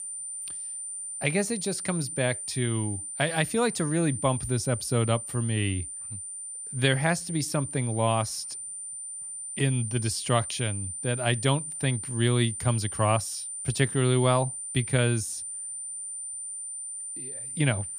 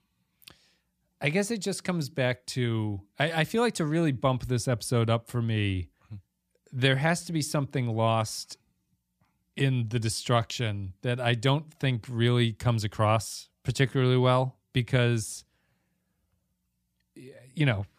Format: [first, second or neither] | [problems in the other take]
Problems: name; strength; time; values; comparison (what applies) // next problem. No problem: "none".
second | high-pitched whine; loud; throughout; 9 kHz, 6 dB below the speech